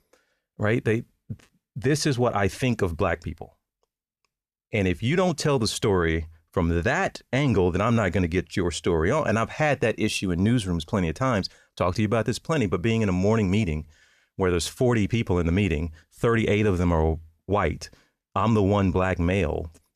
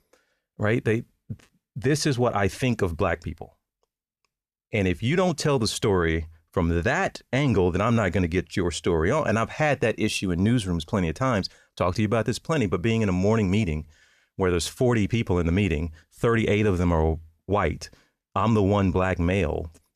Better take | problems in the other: neither | none

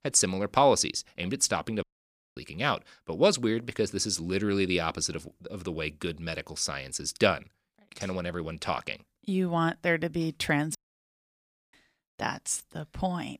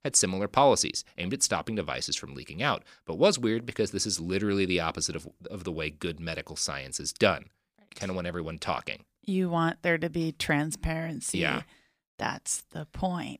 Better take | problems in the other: second | audio cutting out; at 2 s for 0.5 s and at 11 s for 1 s

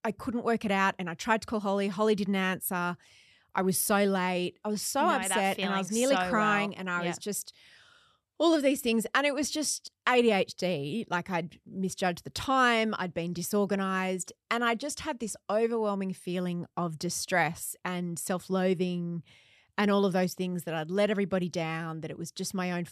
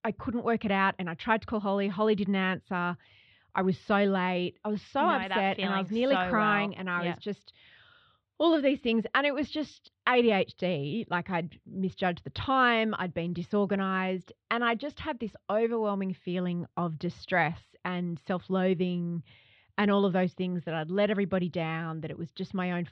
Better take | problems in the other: first | muffled; slightly; fading above 4 kHz

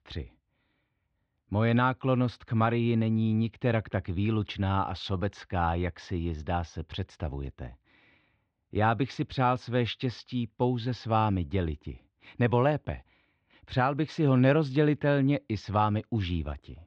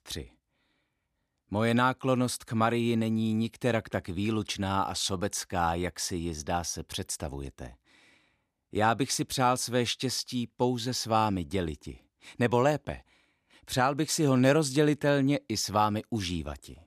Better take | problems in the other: second | muffled; slightly; fading above 3.5 kHz

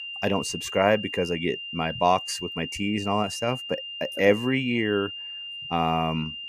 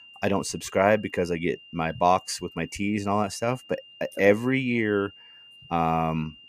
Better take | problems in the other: second | high-pitched whine; loud; throughout; 3 kHz, 8 dB below the speech; faint in the second

